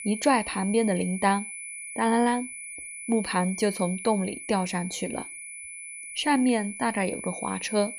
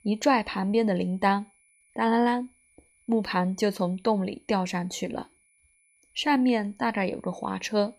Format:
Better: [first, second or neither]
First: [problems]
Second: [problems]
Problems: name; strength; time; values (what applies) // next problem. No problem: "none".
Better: second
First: high-pitched whine; loud; throughout; 10 kHz, 10 dB below the speech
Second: high-pitched whine; faint; throughout; 10 kHz, 35 dB below the speech